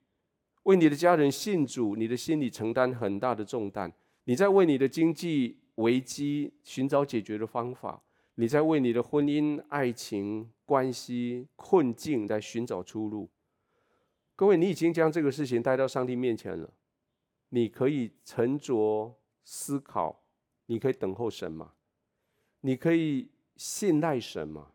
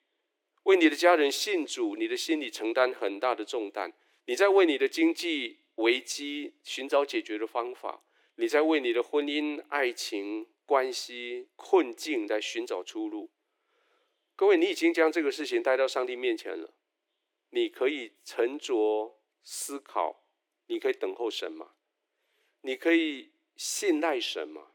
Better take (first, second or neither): first